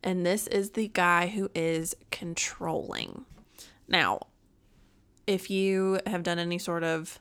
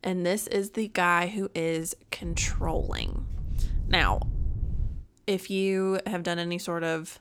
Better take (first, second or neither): first